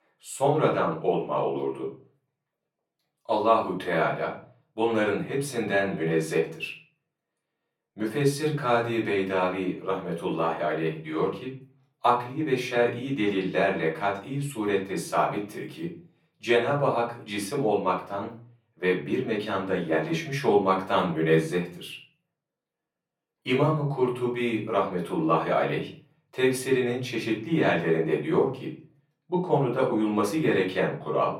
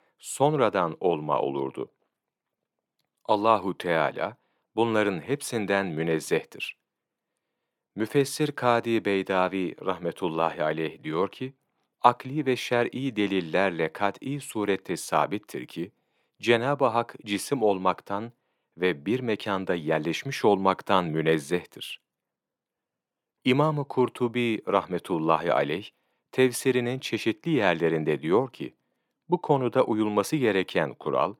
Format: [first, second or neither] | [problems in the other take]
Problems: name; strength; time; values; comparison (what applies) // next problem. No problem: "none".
second | room echo; slight; dies away in 0.3 s // off-mic speech; far